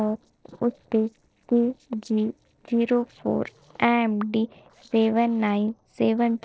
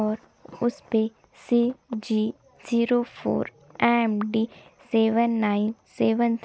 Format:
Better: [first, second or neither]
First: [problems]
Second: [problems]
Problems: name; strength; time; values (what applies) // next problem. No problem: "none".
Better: second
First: noise reduction (neural separator model SepFormer DNS4)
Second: none